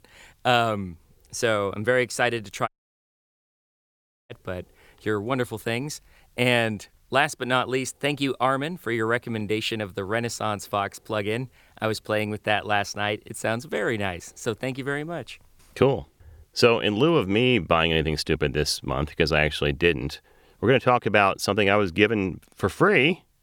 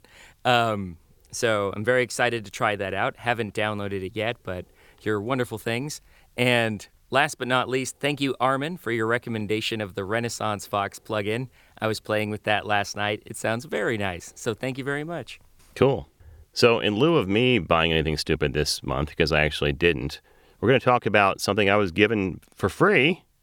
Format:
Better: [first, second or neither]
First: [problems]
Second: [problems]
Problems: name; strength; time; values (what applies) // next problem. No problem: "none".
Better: second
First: audio cutting out; at 2.5 s for 1.5 s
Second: none